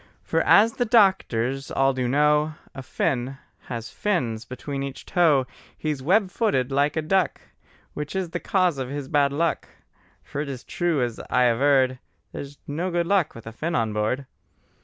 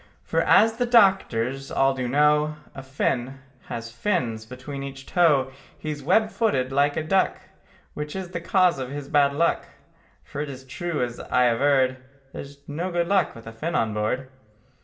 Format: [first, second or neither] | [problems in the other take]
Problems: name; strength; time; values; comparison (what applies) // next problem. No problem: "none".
first | room echo; dies away in 0.5 s